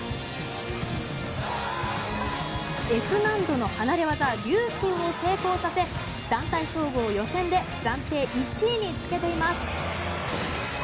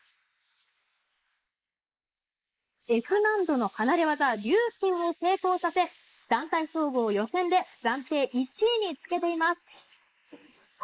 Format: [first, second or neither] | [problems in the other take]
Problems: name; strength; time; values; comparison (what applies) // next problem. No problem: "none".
first | noise reduction (neural mask model Resemble Enhance denoiser)